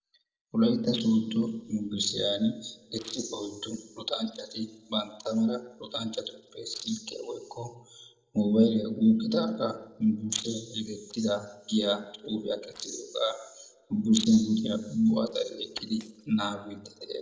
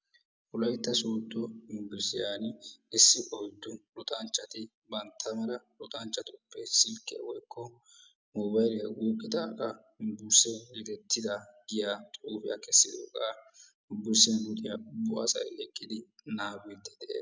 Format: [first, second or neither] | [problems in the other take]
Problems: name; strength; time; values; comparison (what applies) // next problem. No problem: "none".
second | noise reduction (neural separator model SepFormer DNS4)